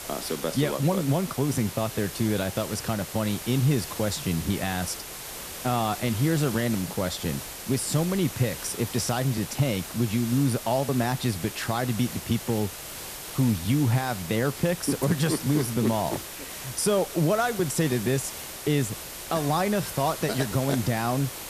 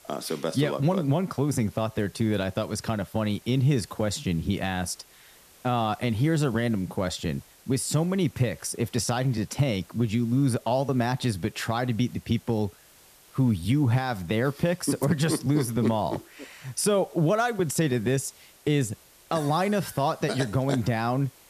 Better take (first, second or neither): second